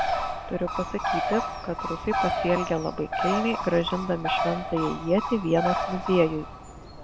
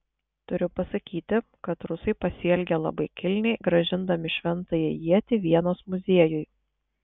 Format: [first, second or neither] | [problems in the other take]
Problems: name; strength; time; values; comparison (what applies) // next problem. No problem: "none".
second | background sound (Bird); 2 dB below the speech